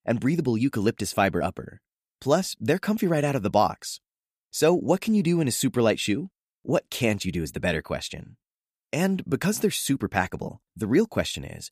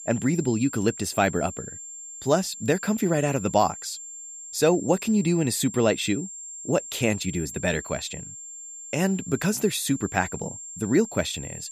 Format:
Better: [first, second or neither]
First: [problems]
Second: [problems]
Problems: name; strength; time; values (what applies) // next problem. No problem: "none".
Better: first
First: none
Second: high-pitched whine; noticeable; throughout; 7.5 kHz, 10 dB below the speech